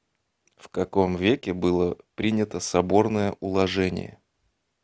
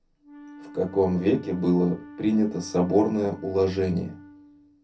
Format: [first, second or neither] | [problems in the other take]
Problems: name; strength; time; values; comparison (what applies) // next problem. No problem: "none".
first | background sound (Wind instrument, woodwind instrument); 19 dB below the speech // room echo; dies away in 0.3 s